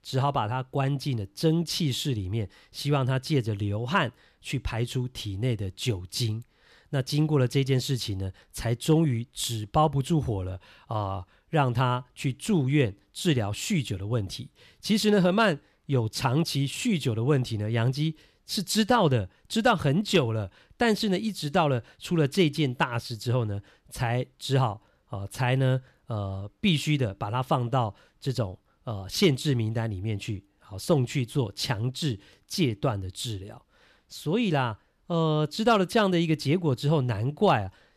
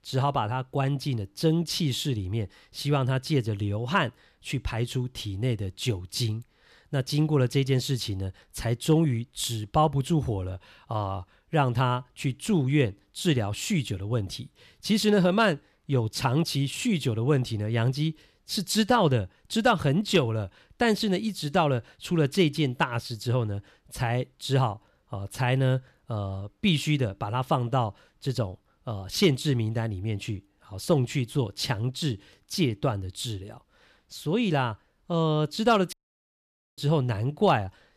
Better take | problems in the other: first | audio cutting out; at 36 s for 1 s

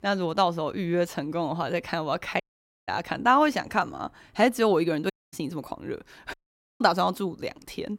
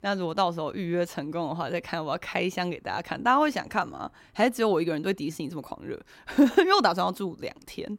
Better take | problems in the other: second | audio cutting out; at 2.5 s, at 5 s and at 6.5 s

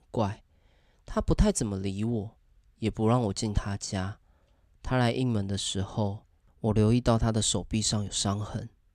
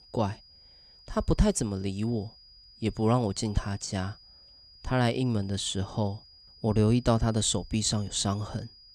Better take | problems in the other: first | high-pitched whine; faint; throughout; 5 kHz, 25 dB below the speech

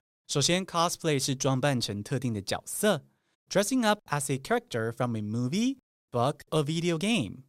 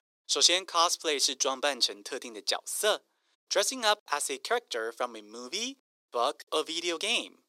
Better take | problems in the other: first | thin; very; fading below 350 Hz

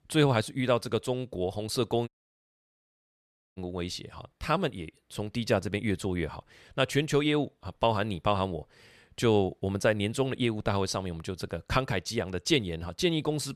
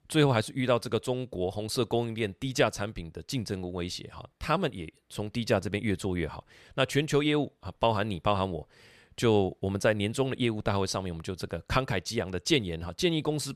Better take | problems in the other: second | audio cutting out; at 2 s for 1.5 s

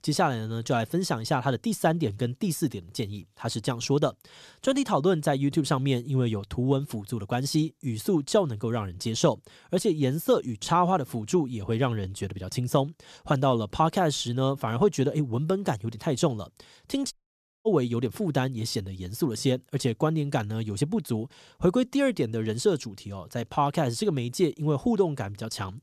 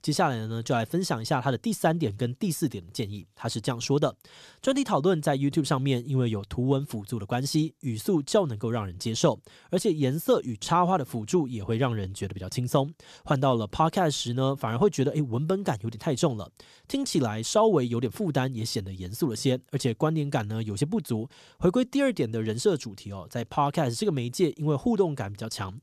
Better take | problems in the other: second | audio cutting out; at 17 s for 0.5 s

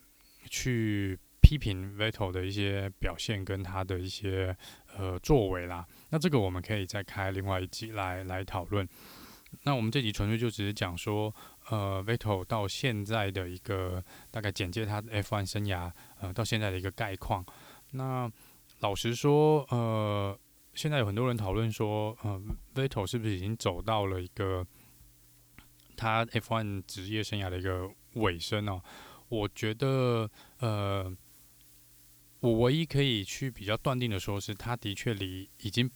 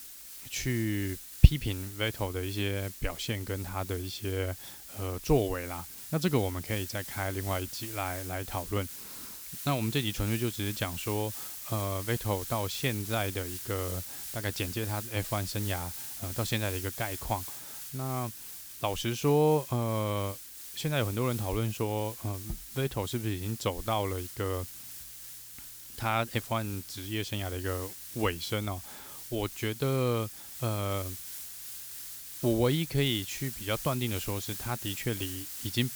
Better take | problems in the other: first | hiss; loud; throughout; 7 dB below the speech; faint in the first

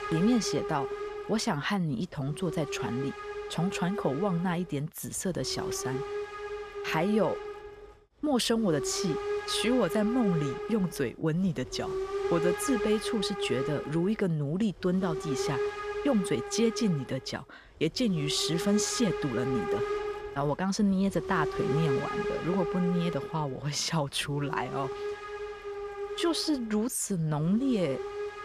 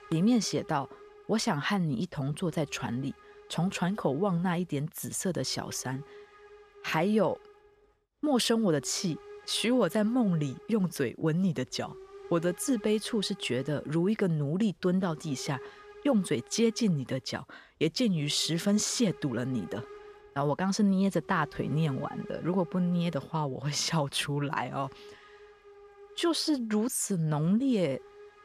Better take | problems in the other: second | hiss; loud; throughout; 5 dB below the speech; faint in the second

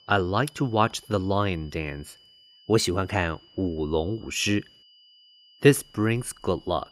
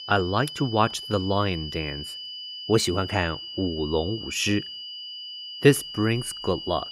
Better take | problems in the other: first | high-pitched whine; loud; throughout; 3 kHz, 9 dB below the speech; faint in the first

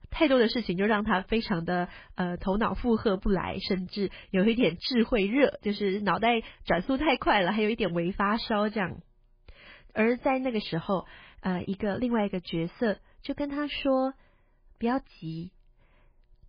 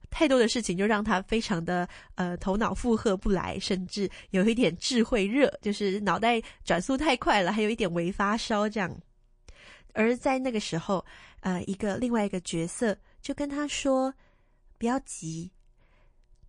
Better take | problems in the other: second | garbled, watery; badly; nothing above 4 kHz; slightly in the second

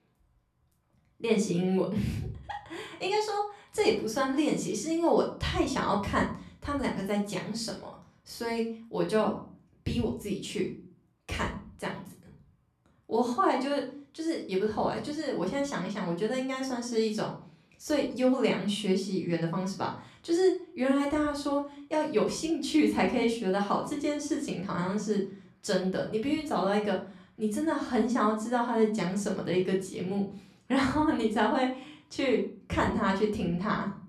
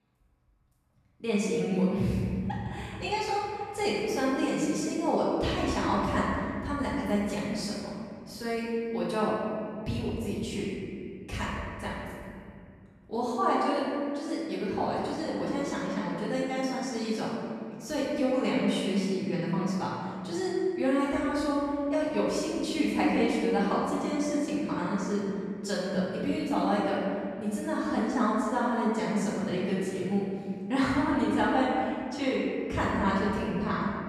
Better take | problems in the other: first | room echo; strong; dies away in 2.3 s; slight in the first // off-mic speech; far; far in the first

